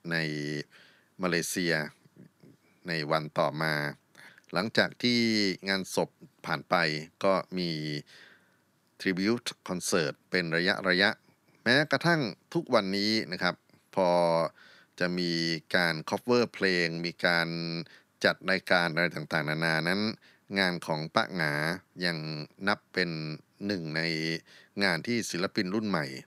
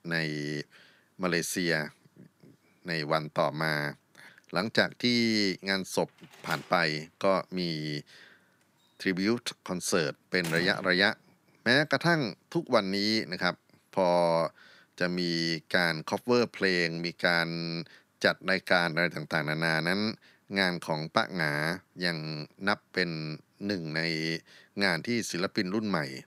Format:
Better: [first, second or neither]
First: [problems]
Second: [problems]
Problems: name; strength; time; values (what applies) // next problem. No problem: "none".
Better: first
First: none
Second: door banging; noticeable; from 6.5 to 11 s; peak 9 dB below the speech